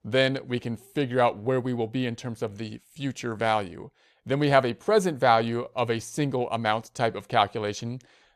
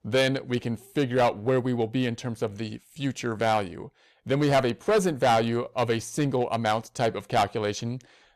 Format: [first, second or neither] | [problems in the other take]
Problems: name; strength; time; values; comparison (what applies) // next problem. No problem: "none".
first | distortion; slight; 4% of the sound clipped